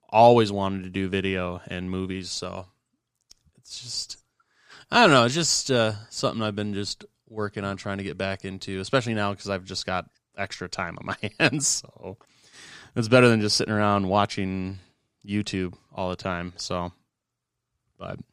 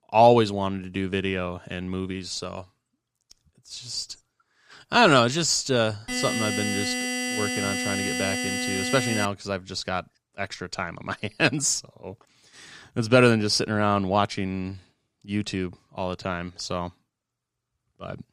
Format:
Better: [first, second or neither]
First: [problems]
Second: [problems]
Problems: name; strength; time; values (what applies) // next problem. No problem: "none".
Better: first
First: none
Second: alarm; noticeable; from 6 to 9.5 s; peak 2 dB below the speech